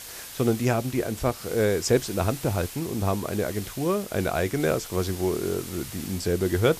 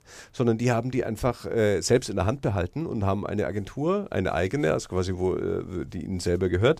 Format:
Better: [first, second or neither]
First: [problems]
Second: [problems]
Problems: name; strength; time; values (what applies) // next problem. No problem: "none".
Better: second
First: hiss; noticeable; throughout; 10 dB below the speech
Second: none